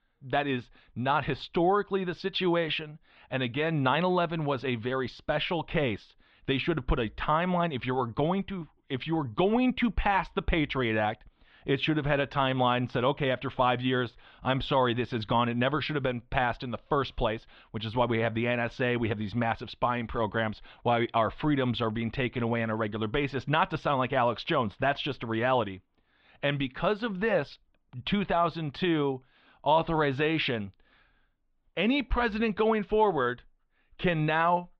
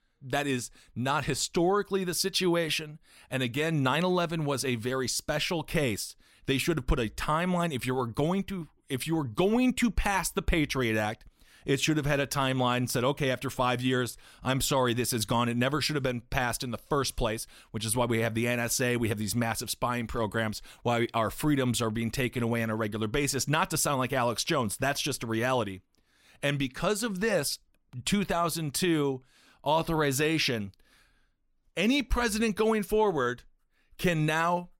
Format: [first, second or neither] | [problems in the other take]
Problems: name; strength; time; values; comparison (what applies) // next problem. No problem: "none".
second | muffled; very; fading above 3.5 kHz